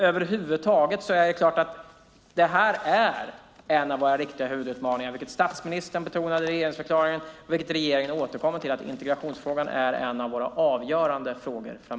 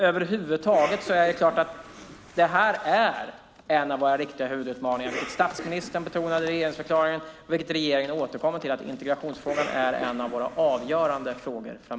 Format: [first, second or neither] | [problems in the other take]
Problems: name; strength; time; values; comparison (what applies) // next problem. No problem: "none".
first | background sound (Cough); 13 dB below the speech